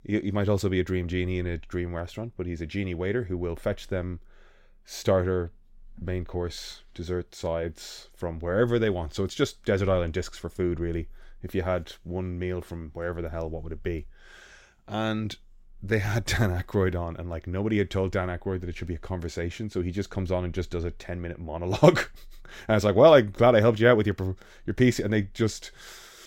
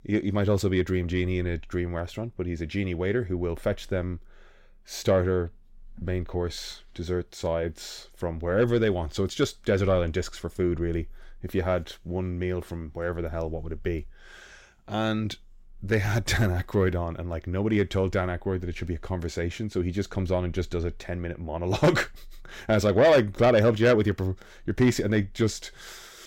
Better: first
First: none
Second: distortion; slight; 10 dB below the speech

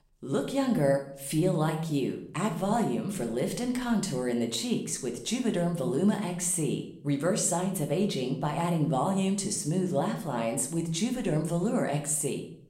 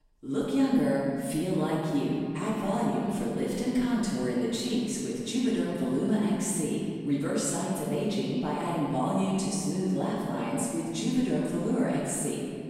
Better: first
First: room echo; slight; dies away in 0.5 s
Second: room echo; strong; dies away in 2.5 s // off-mic speech; far

